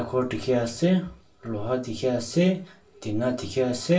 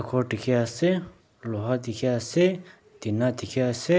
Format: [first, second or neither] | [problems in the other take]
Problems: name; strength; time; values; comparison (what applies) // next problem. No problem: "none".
second | room echo; dies away in 0.2 s